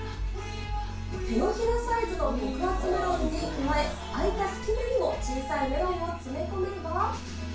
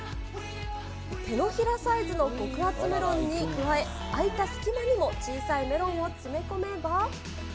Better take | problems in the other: second | room echo; dies away in 0.3 s

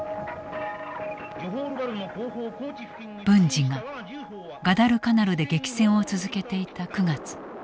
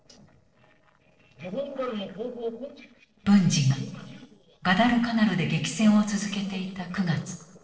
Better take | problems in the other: first | noise reduction (neural separator model SepFormer DNS4)

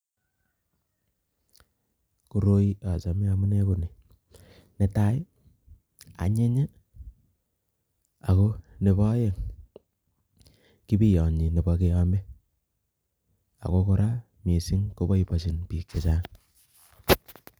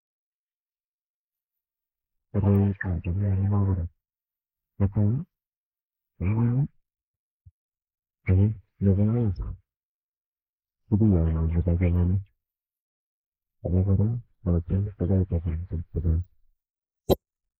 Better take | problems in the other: first | noise reduction (neural mask model Resemble Enhance denoiser)

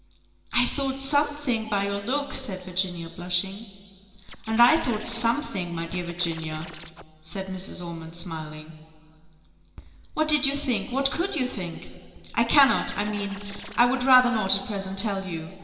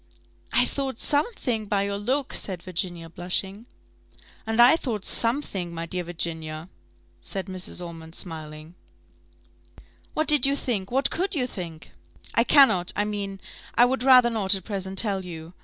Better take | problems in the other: second | background sound (Scratching (performance technique)); 15 dB below the speech // room echo; dies away in 2 s

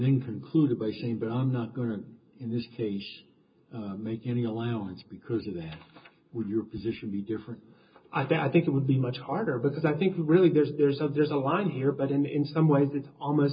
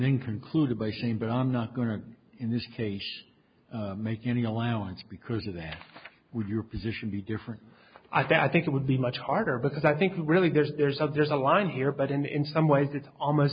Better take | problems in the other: second | room echo; dies away in 0.2 s

